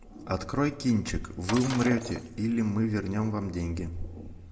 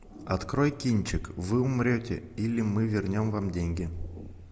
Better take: second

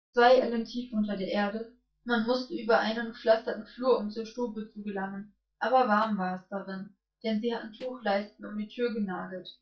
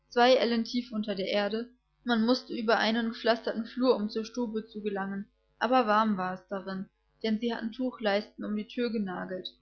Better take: second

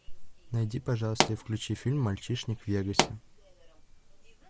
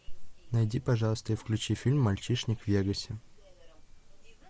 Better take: second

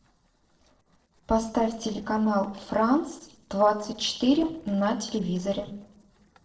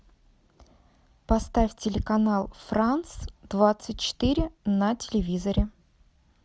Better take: second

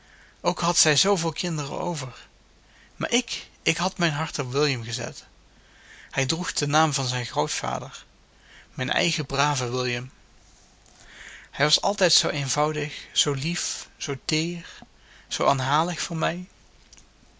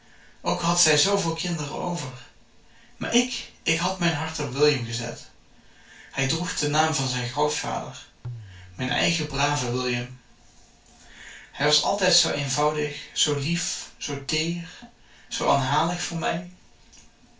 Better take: first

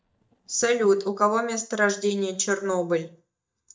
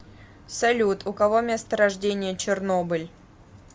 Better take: second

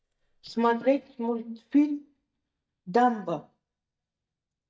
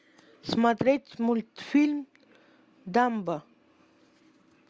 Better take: second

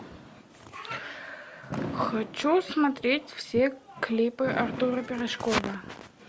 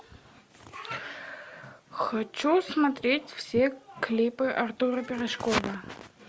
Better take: second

